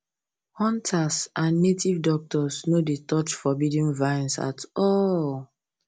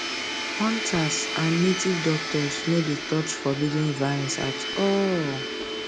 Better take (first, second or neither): first